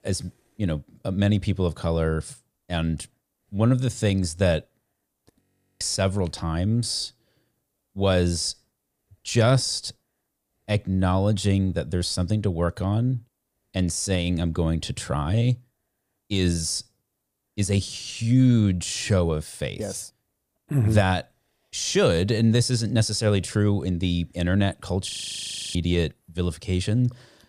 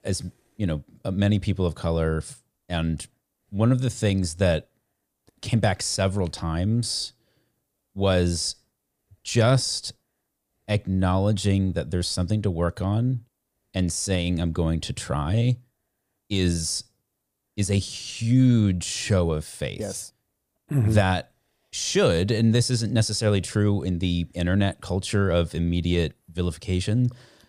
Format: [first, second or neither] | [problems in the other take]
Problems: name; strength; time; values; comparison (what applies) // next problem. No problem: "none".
second | audio freezing; at 5.5 s and at 25 s for 0.5 s